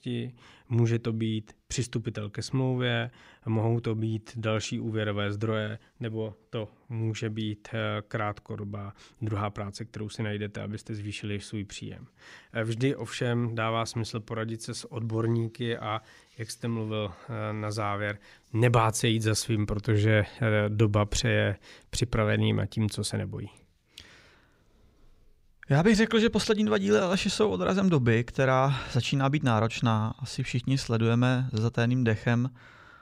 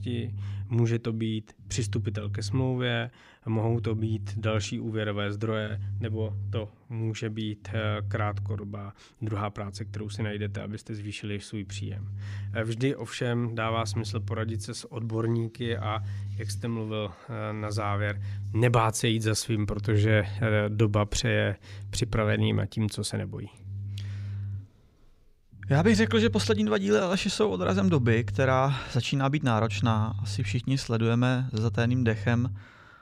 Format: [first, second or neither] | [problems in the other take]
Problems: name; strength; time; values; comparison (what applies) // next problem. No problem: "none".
first | low rumble; faint; throughout; 20 dB below the speech